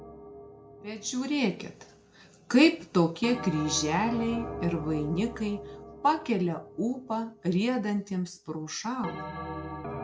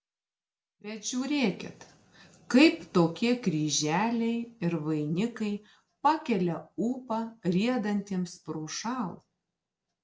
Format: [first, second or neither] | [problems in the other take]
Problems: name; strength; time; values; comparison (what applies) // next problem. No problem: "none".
second | background sound (Bell); 12 dB below the speech